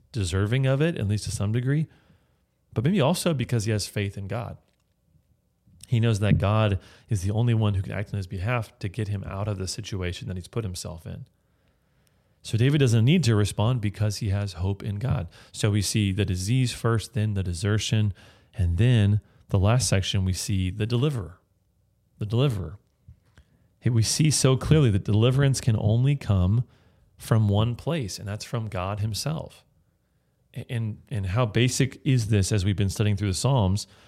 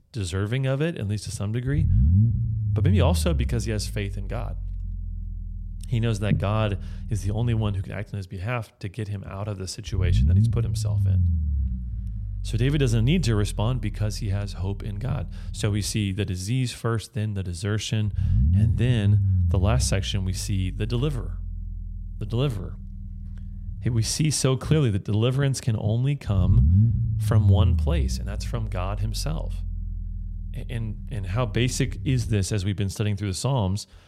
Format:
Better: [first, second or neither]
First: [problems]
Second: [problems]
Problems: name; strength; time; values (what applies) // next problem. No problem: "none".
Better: first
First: none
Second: low rumble; loud; throughout; 10 dB below the speech